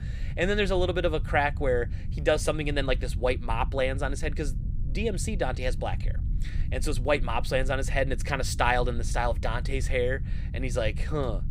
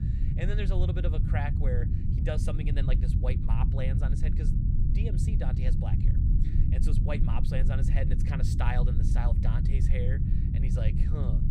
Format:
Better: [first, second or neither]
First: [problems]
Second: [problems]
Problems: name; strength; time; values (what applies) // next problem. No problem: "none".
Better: first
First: low rumble; faint; throughout; 20 dB below the speech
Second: low rumble; loud; throughout; 2 dB below the speech